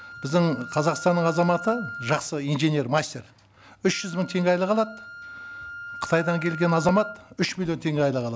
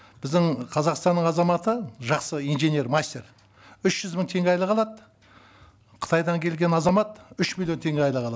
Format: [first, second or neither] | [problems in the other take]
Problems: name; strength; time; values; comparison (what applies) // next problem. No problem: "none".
second | background sound (Wind instrument, woodwind instrument); 15 dB below the speech